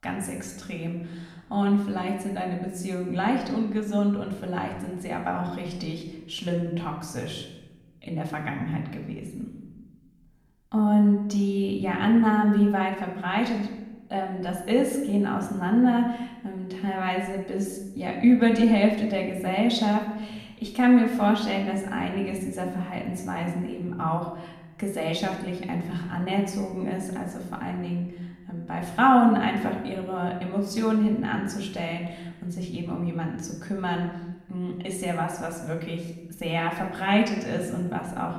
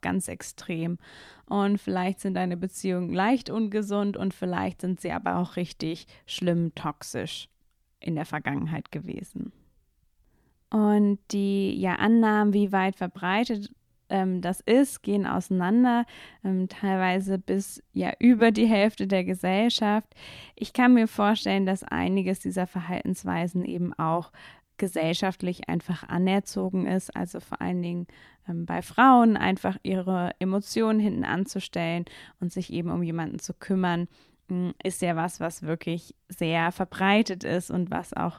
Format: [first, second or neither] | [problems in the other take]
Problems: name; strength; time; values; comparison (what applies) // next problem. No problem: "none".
second | room echo; noticeable; dies away in 0.9 s // off-mic speech; somewhat distant